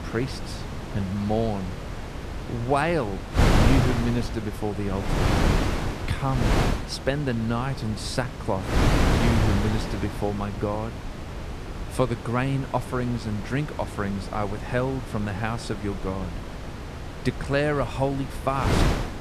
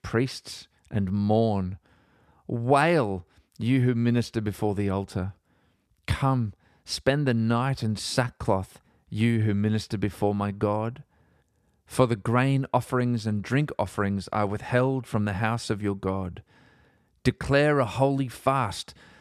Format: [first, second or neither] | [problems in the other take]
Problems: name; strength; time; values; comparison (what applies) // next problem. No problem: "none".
second | wind noise on the microphone; heavy; 2 dB below the speech